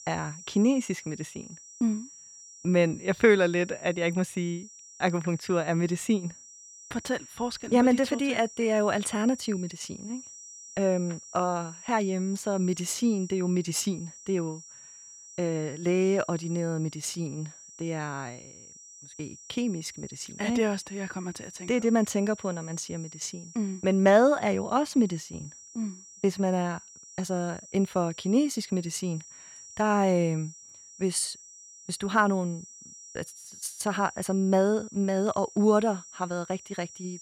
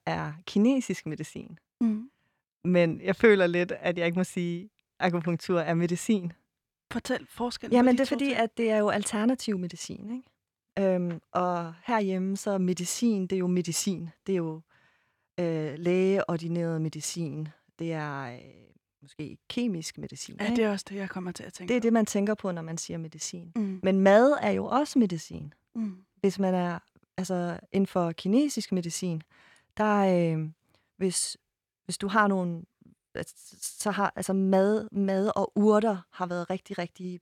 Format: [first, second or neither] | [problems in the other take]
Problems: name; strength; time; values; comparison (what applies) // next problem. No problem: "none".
second | high-pitched whine; noticeable; throughout; 5.5 kHz, 20 dB below the speech